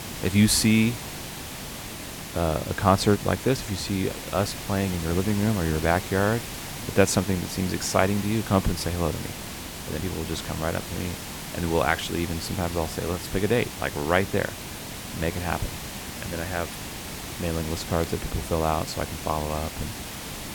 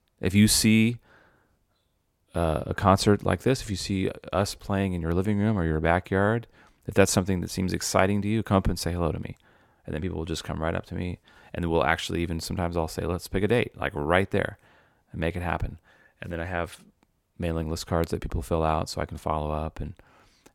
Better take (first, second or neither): second